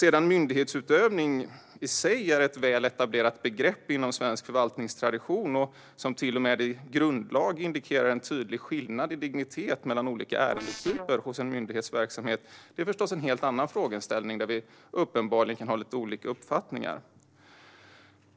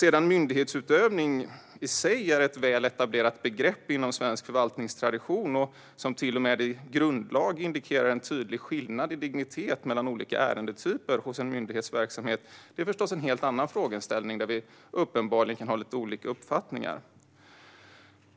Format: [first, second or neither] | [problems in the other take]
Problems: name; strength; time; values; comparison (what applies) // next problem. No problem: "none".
second | noise reduction (neural separator model SepFormer DNS4)